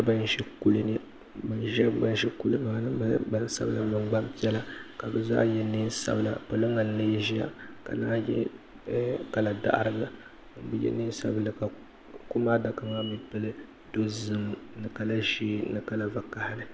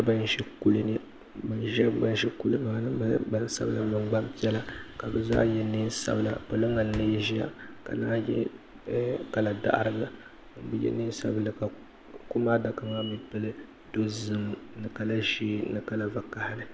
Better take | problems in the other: first | background sound (Walk, footsteps); 13 dB below the speech

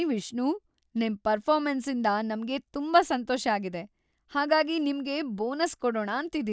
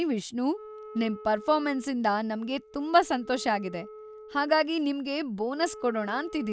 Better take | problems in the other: first | background sound (Wind instrument, woodwind instrument); 18 dB below the speech

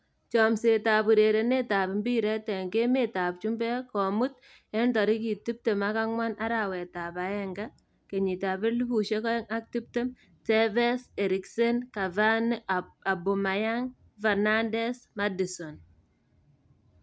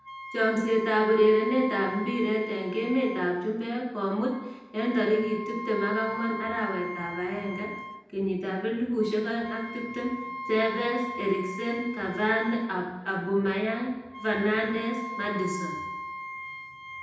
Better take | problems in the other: first | background sound (Wind instrument, woodwind instrument); 11 dB below the speech // room echo; dies away in 0.9 s

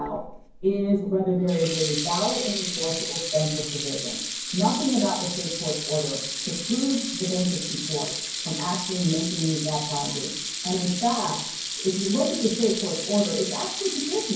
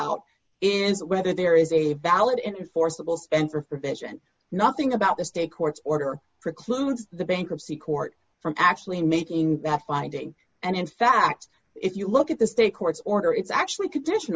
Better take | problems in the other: second | background sound (Sink (filling or washing) / Water tap, faucet); 5 dB below the speech // room echo; dies away in 0.9 s

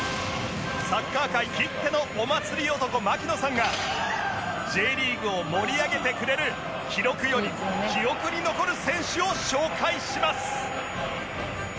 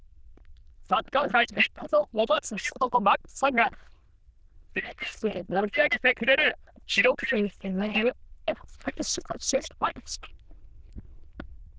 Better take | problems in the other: first | noise reduction (neural diffusion model UNIVERSE++)

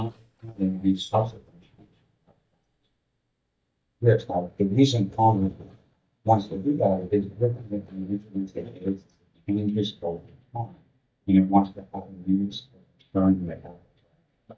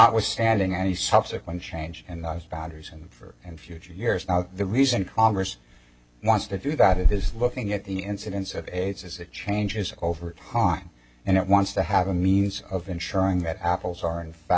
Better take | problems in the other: second | noise reduction (neural mask model DeepFilterNet 3)

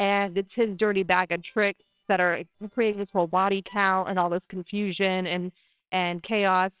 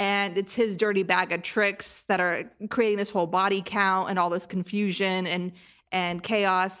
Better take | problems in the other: second | noise reduction (neural separator model SepFormer WHAMR!)

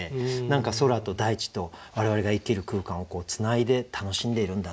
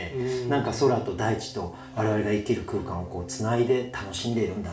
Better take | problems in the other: first | background sound (Electric guitar / Strum); 16 dB below the speech // room echo; dies away in 0.5 s

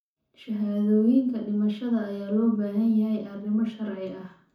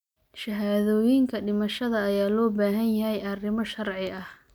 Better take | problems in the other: second | room echo; dies away in 0.7 s

